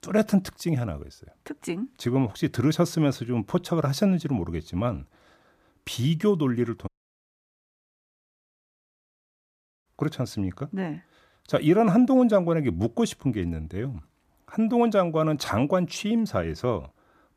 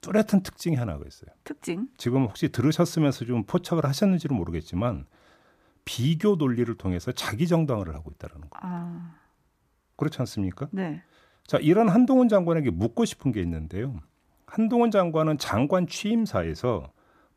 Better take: second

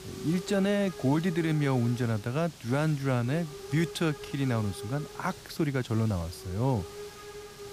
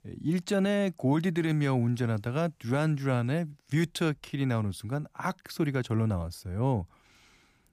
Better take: second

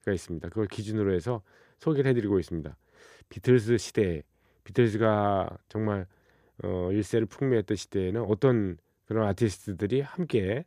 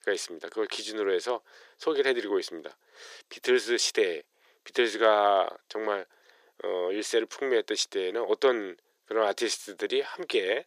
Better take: first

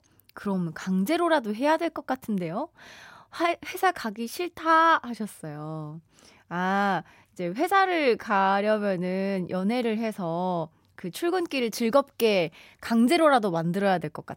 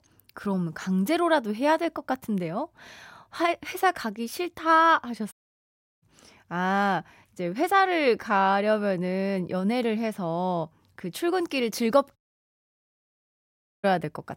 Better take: first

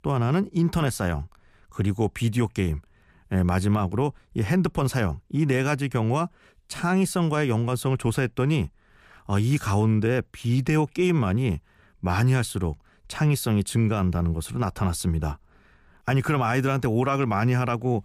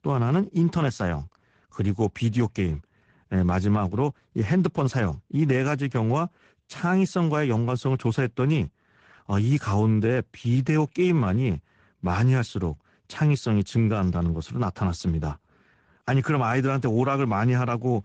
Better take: first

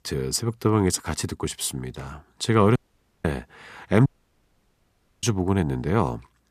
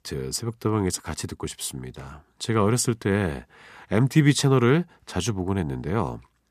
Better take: second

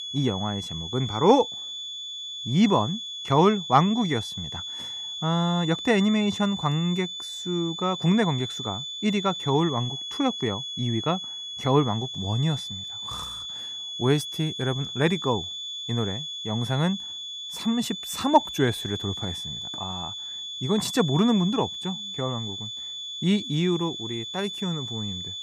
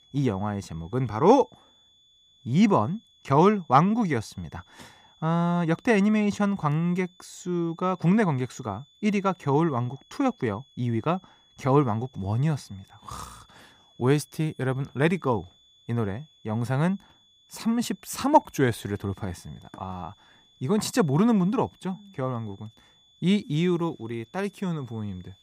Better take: second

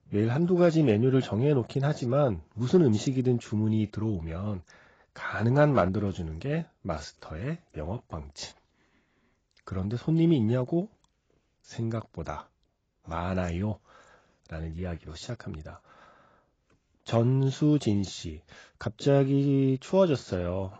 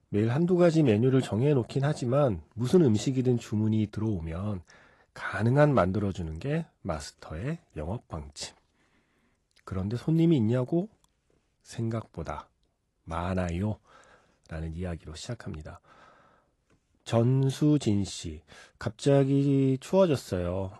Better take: second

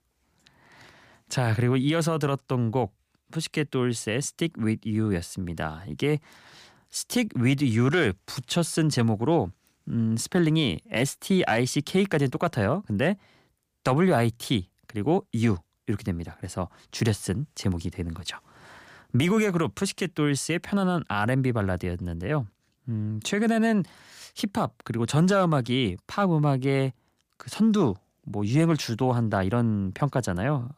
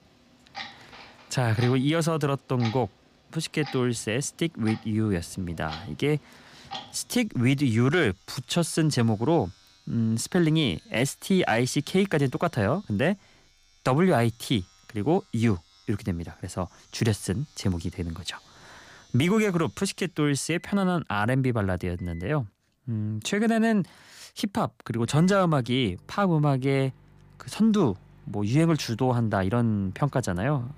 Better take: first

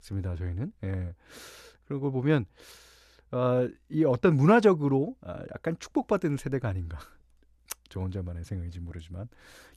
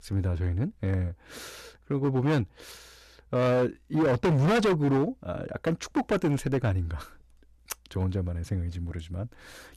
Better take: first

